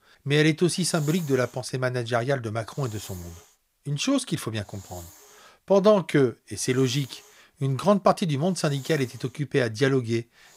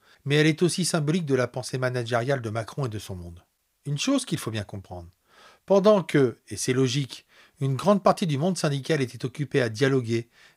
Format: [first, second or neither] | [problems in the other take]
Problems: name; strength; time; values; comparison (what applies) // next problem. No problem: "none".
second | hiss; faint; throughout; 20 dB below the speech